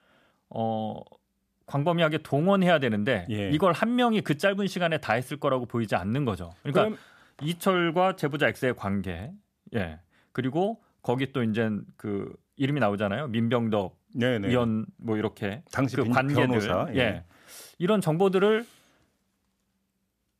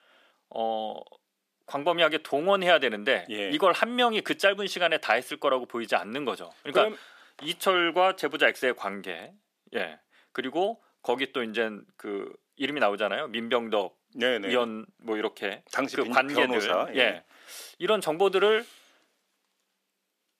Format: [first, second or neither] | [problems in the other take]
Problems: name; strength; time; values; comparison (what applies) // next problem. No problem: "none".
first | thin; somewhat; fading below 350 Hz